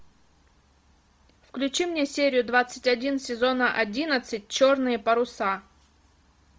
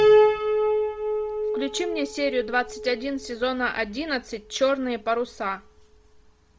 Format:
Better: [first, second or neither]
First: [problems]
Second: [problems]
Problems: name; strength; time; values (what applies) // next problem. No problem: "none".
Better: first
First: none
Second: background sound (Piano); 3 dB above the speech